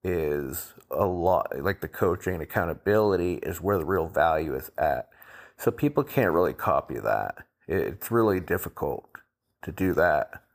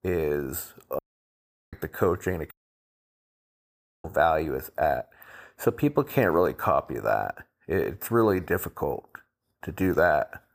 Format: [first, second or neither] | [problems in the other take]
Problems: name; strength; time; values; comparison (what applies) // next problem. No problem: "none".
first | audio cutting out; at 1 s for 0.5 s and at 2.5 s for 1.5 s